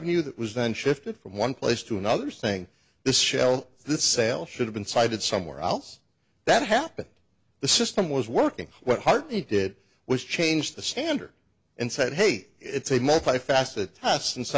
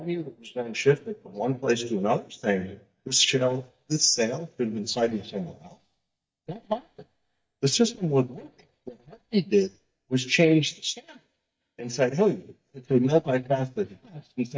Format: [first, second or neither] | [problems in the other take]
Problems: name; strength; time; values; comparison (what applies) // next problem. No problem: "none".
first | noise reduction (neural mask model DeepFilterNet 3)